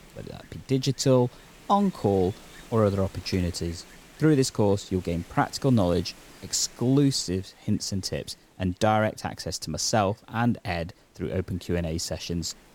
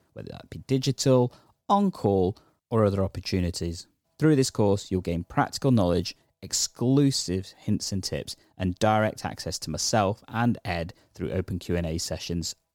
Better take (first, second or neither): second